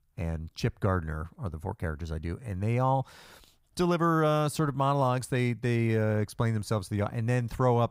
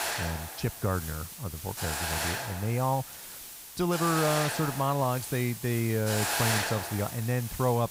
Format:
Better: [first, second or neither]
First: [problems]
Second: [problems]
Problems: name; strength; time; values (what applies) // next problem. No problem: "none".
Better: first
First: none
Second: hiss; loud; throughout; 3 dB below the speech